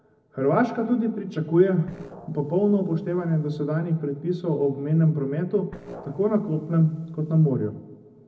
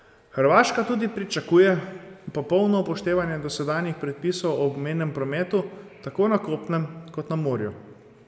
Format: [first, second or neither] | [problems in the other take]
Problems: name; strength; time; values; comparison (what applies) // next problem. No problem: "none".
second | noise reduction (neural separator model SepFormer DNS4)